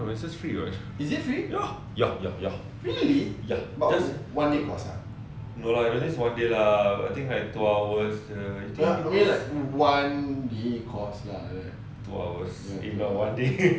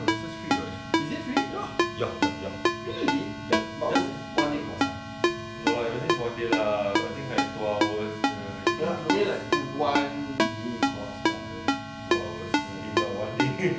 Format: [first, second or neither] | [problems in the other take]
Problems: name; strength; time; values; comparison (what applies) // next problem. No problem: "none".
first | background sound (Ringtone); 3 dB above the speech